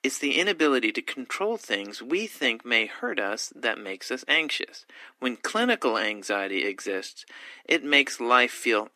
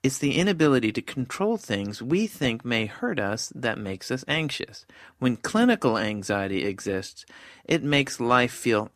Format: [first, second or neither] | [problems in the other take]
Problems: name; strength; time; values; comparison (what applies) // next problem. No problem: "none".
second | thin; somewhat; fading below 250 Hz